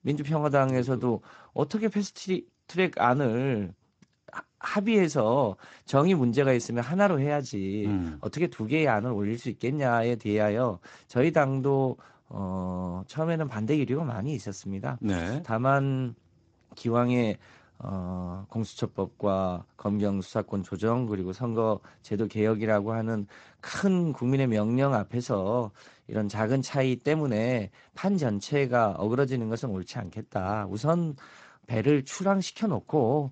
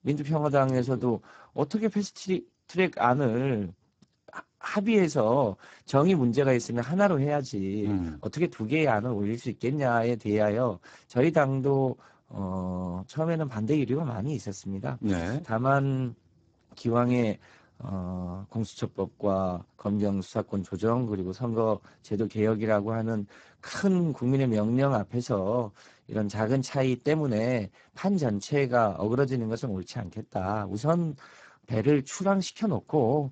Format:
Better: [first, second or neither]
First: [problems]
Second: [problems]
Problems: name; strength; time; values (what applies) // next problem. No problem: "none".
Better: first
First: garbled, watery; slightly; nothing above 7.5 kHz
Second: garbled, watery; badly; nothing above 7.5 kHz